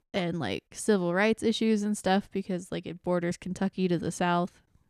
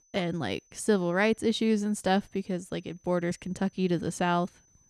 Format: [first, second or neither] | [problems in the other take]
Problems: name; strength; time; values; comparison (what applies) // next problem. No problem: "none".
first | high-pitched whine; faint; throughout; 6 kHz, 35 dB below the speech